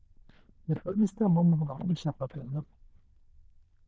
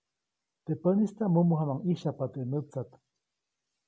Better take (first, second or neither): second